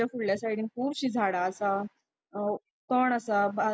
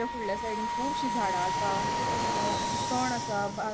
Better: first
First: none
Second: background sound (Fixed-wing aircraft, airplane + Wind instrument, woodwind instrument); 3 dB above the speech

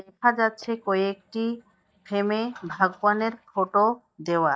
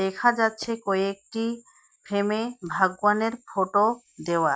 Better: second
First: noise reduction (neural mask model DeepFilterNet 3)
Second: none

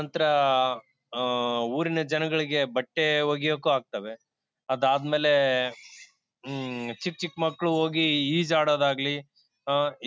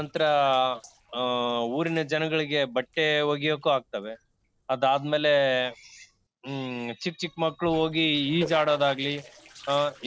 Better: first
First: none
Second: noise reduction (neural separator model SepFormer DNS4)

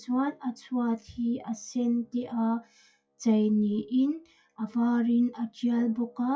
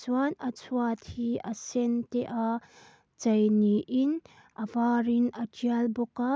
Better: second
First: noise reduction (classical method WPE with log-MMSE)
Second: none

